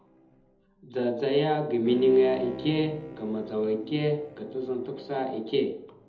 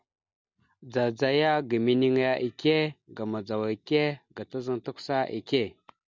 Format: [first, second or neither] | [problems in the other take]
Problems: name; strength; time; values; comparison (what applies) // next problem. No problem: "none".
second | background sound (Bowed string instrument); 16 dB below the speech // room echo; dies away in 0.9 s